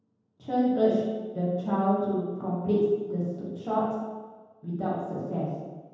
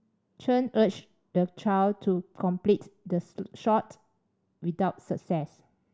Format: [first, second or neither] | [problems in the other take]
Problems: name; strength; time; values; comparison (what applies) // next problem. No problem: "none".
second | room echo; dies away in 1.2 s